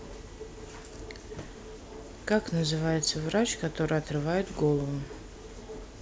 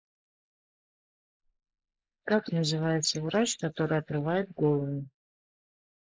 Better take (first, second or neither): first